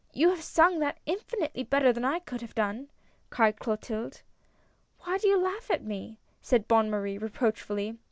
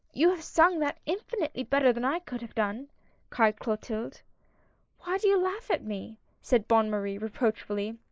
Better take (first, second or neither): first